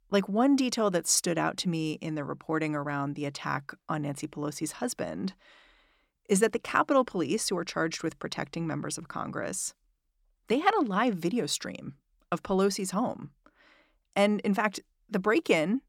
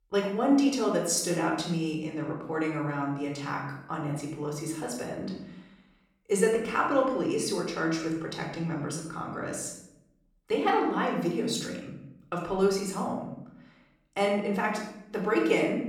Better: first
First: none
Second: off-mic speech; somewhat distant // room echo; noticeable; dies away in 0.7 s

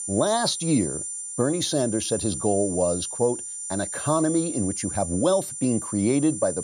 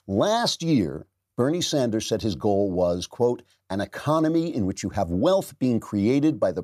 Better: second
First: high-pitched whine; loud; throughout; 9 kHz, 5 dB below the speech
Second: none

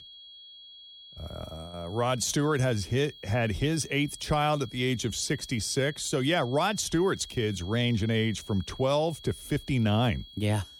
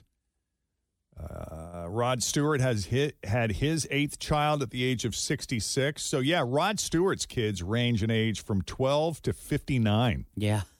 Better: second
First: high-pitched whine; noticeable; throughout; 3.5 kHz, 20 dB below the speech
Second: none

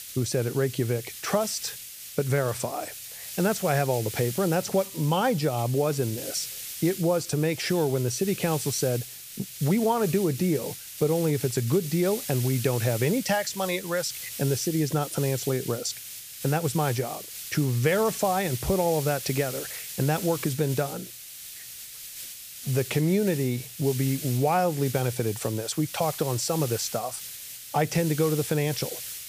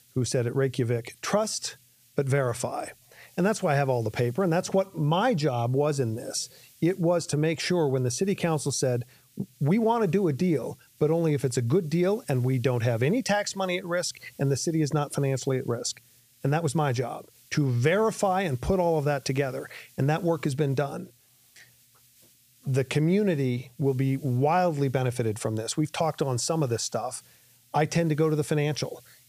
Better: second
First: hiss; loud; throughout; 9 dB below the speech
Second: hiss; faint; throughout; 30 dB below the speech

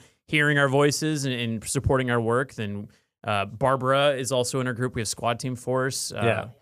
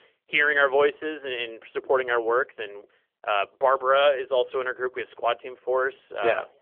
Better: first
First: none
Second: phone-call audio; nothing above 3.5 kHz

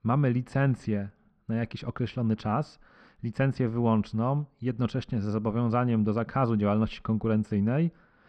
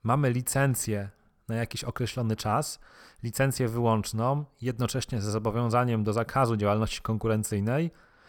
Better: second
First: muffled; slightly; fading above 3.5 kHz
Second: none

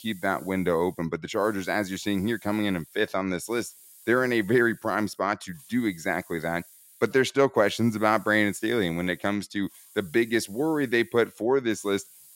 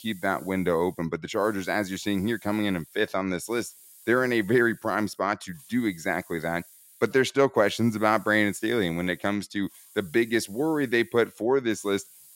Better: neither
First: hiss; faint; throughout; 25 dB below the speech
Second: hiss; faint; throughout; 25 dB below the speech

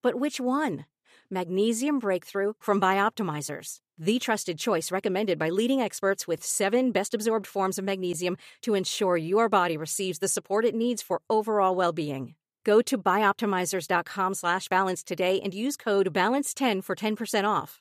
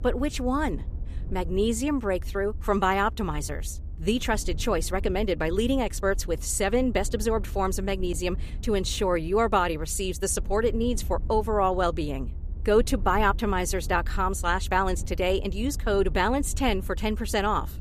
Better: first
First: none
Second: low rumble; faint; throughout; 25 dB below the speech

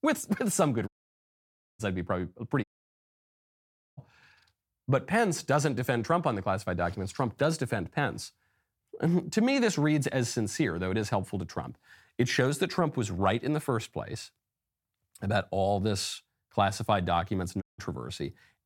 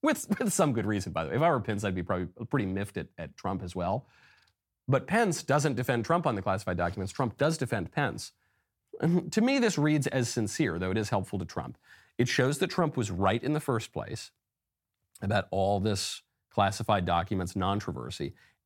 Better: second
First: audio cutting out; at 1 s for 1 s, at 2.5 s for 1.5 s and at 18 s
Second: none

